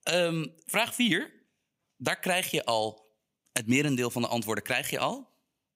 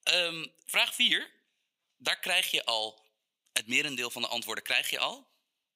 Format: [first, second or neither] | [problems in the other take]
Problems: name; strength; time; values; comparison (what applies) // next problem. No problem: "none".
first | thin; somewhat; fading below 900 Hz